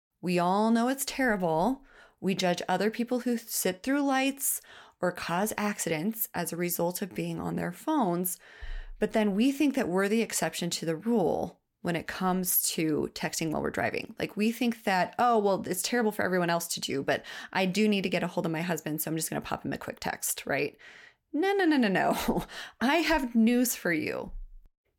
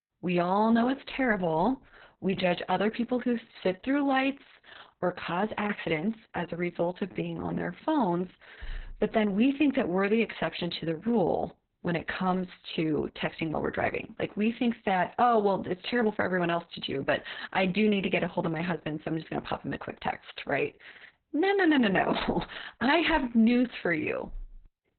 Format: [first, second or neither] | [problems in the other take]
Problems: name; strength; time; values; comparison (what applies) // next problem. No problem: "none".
first | garbled, watery; badly; nothing above 4 kHz